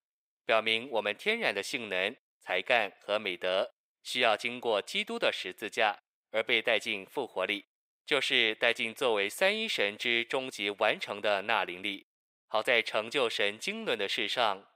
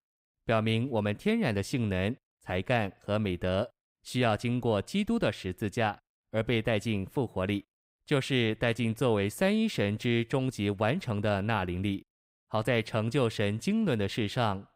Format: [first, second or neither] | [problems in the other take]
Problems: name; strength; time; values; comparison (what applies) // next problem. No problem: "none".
second | thin; very; fading below 550 Hz